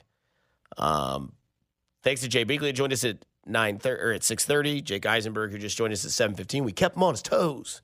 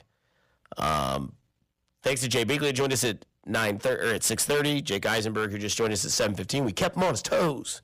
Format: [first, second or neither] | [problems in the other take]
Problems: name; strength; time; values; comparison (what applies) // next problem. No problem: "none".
first | distortion; heavy; 11% of the sound clipped